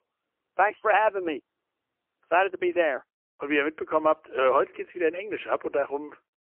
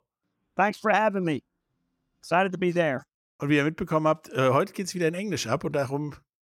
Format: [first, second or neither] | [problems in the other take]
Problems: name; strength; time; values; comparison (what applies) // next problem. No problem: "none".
second | phone-call audio; poor line; nothing above 3 kHz